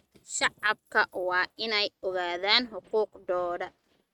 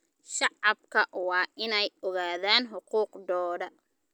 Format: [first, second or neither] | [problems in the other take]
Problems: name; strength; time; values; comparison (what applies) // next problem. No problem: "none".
second | noise reduction (neural mask model RNNoise)